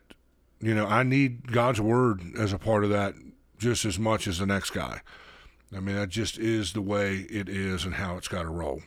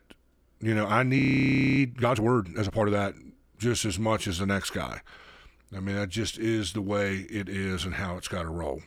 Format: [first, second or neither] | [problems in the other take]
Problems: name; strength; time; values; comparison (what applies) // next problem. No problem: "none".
first | audio freezing; at 1 s for 0.5 s